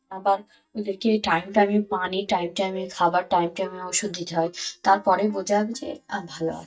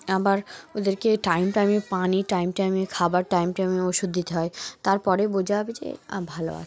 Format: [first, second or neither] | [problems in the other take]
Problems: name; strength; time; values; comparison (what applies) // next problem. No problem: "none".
second | noise reduction (neural mask model DeepFilterNet 3)